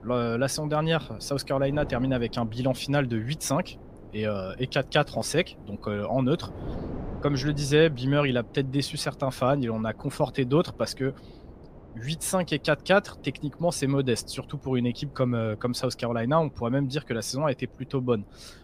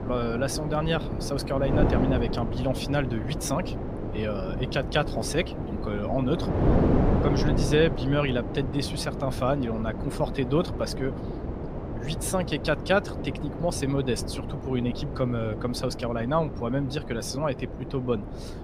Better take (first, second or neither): first